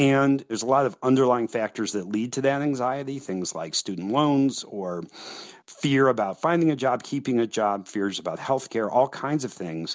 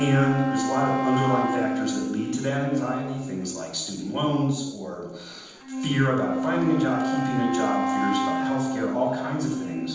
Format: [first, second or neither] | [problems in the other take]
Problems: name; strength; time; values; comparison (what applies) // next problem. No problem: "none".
first | background sound (Wind instrument, woodwind instrument); 2 dB below the speech // room echo; dies away in 0.7 s